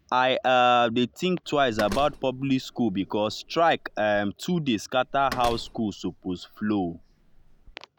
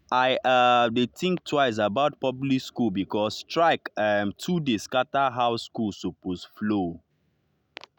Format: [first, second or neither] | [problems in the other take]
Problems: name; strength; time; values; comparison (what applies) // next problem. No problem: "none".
second | background sound (Slam); 16 dB below the speech